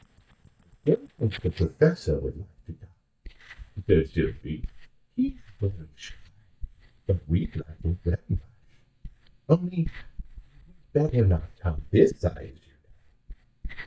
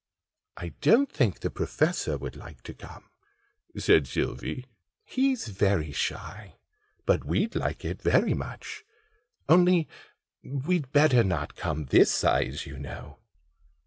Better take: second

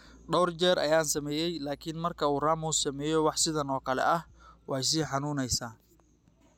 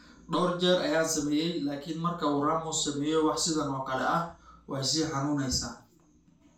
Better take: first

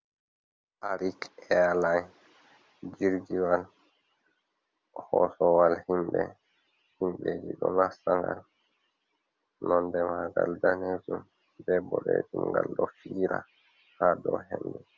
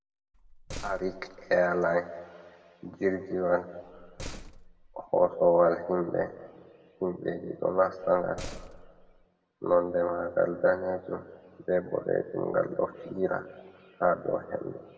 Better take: first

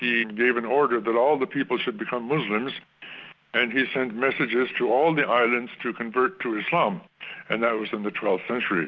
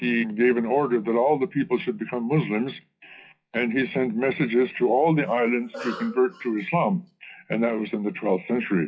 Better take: first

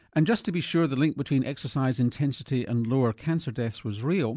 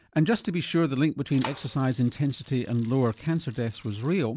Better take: first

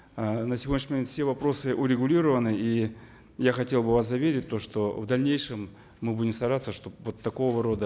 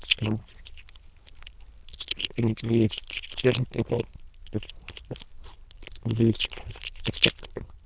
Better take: first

